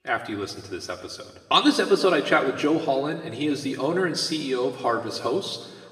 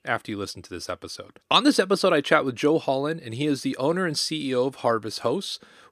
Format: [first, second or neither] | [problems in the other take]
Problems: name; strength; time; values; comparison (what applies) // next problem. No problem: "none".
second | room echo; slight; dies away in 1.2 s // off-mic speech; somewhat distant